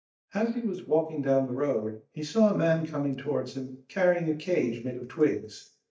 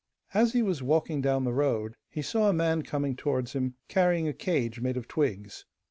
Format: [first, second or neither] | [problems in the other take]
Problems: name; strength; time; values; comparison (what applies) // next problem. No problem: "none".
second | noise reduction (neural mask model DeepFilterNet 3)